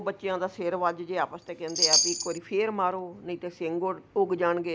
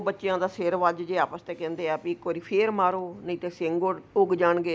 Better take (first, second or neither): second